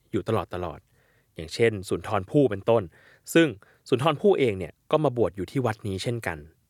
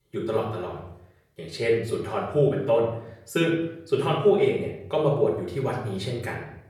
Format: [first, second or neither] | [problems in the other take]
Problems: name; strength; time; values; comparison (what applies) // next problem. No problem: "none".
first | off-mic speech; far // room echo; noticeable; dies away in 0.7 s